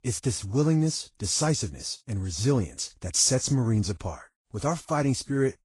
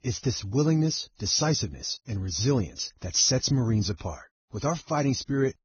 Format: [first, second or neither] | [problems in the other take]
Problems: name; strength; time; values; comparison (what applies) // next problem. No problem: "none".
first | garbled, watery; badly; nothing above 6.5 kHz; slightly in the first